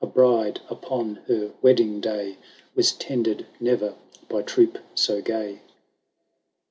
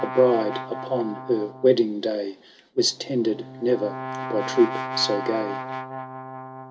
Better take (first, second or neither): first